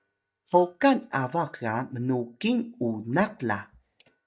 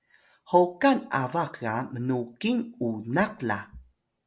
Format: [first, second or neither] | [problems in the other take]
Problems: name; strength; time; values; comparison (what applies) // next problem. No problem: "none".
second | noise reduction (neural mask model DeepFilterNet 3)